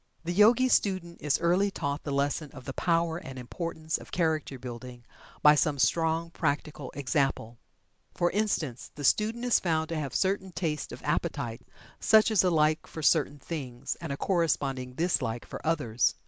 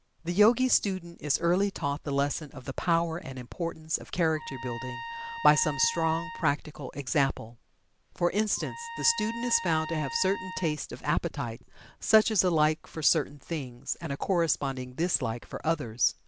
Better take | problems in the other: first | background sound (Trumpet); 12 dB below the speech

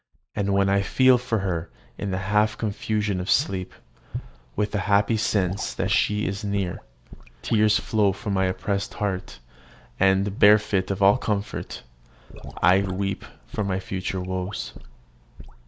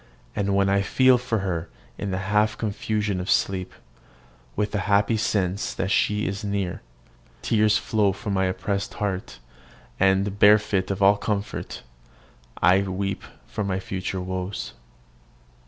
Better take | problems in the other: second | noise reduction (neural mask model DeepFilterNet 3)

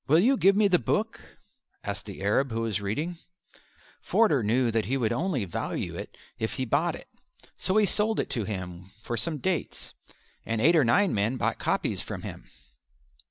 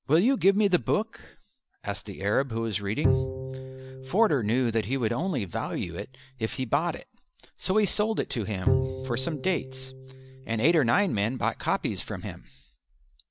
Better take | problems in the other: first | background sound (Bowed string instrument); 6 dB below the speech

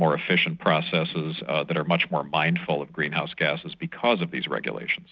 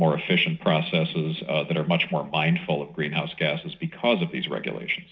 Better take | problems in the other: first | room echo; dies away in 0.5 s

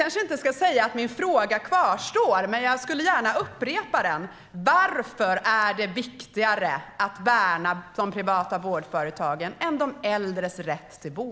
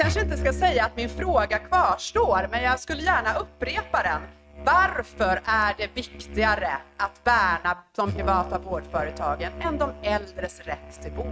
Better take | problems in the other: first | noise reduction (neural mask model RNNoise)

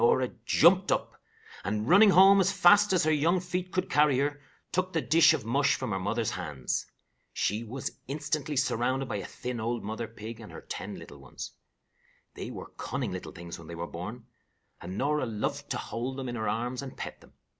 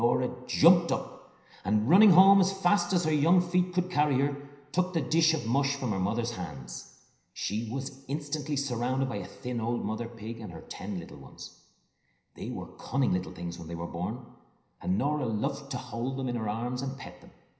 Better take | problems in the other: first | room echo; dies away in 0.9 s

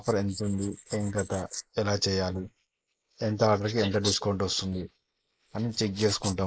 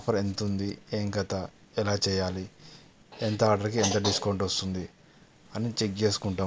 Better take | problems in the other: second | noise reduction (neural mask model Resemble Enhance denoiser)

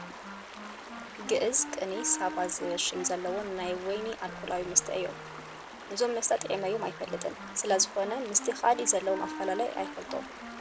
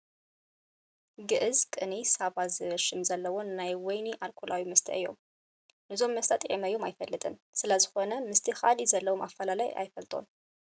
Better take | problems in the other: second | background sound (Stream + Wind instrument, woodwind instrument); 10 dB below the speech

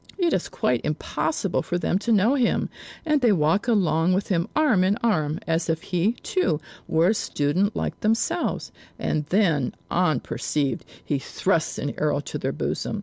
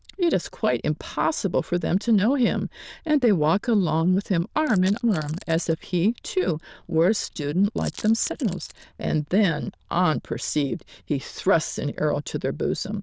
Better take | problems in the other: first | noise reduction (neural diffusion model UNIVERSE++)

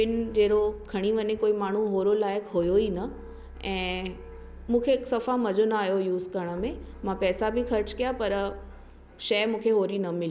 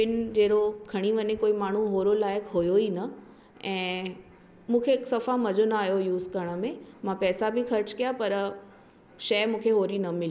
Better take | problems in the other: second | background sound (Keyboard (musical)); 18 dB below the speech

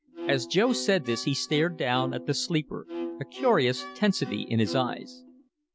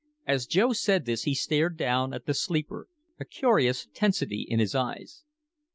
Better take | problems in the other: second | background sound (Bowed string instrument); 10 dB below the speech

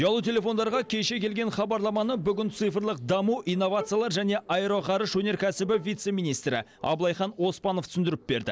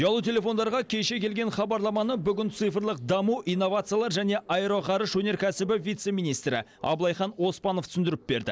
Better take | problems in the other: second | background sound (Bowed string instrument); 20 dB below the speech

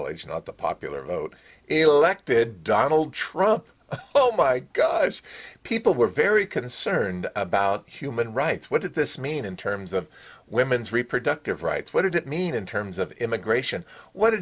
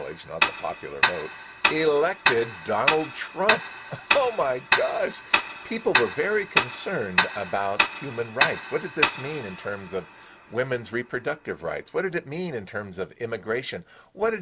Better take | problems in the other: first | background sound (Tick-tock); 1 dB below the speech

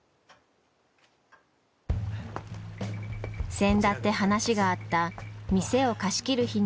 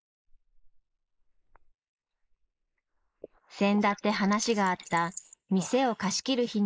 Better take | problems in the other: first | noise reduction (neural mask model Resemble Enhance denoiser)

